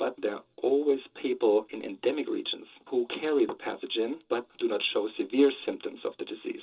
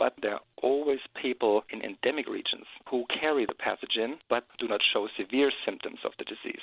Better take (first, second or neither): second